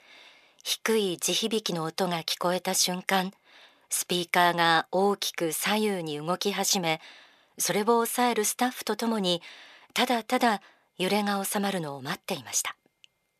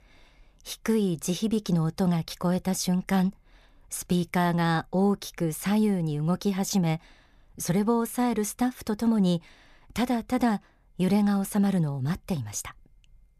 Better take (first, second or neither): second